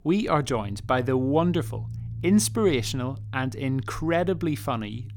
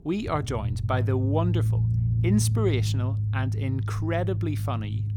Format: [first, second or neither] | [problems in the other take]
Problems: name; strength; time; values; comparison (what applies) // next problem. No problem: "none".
first | low rumble; loud; throughout; 9 dB below the speech; faint in the first